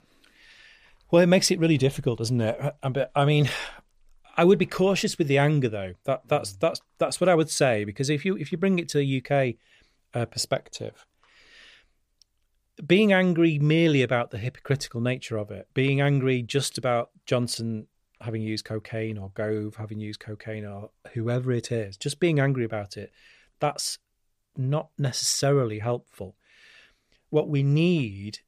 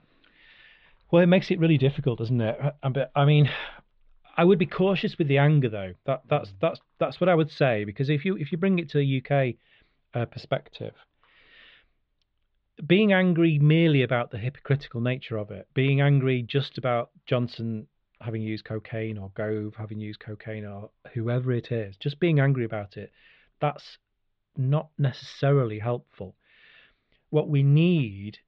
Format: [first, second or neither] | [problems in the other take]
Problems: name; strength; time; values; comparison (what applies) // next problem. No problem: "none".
first | muffled; very; fading above 3.5 kHz